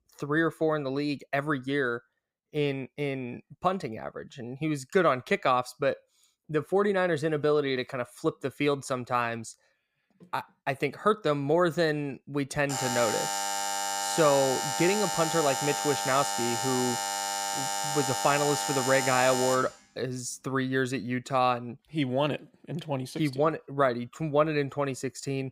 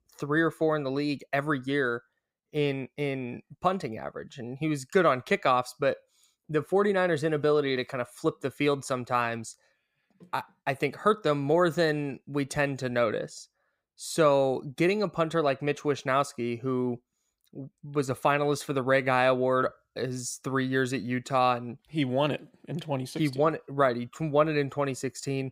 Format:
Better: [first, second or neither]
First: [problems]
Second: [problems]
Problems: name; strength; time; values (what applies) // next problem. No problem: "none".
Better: second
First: alarm; noticeable; from 13 to 20 s; peak 1 dB below the speech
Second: none